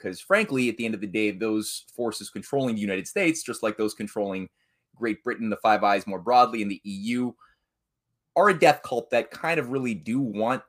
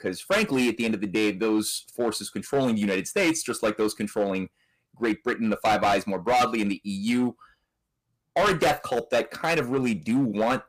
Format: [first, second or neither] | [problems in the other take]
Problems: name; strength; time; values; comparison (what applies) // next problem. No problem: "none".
first | distortion; heavy; 9% of the sound clipped